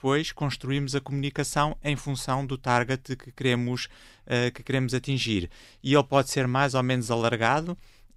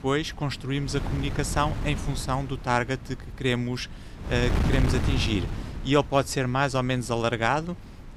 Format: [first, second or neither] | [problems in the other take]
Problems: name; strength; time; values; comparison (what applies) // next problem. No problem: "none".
first | wind noise on the microphone; occasional gusts; 10 dB below the speech